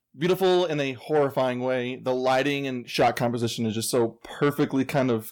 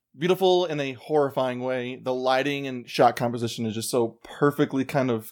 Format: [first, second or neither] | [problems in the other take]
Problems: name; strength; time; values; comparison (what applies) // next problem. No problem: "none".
second | distortion; slight; 10 dB below the speech